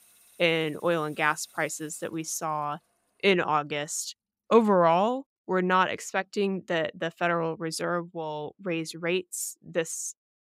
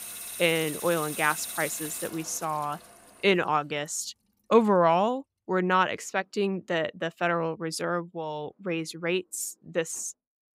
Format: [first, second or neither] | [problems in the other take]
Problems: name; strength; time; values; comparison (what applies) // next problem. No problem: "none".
first | household noises; loud; throughout; 8 dB below the speech; faint in the first